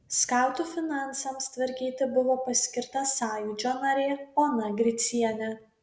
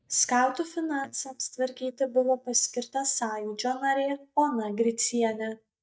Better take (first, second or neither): first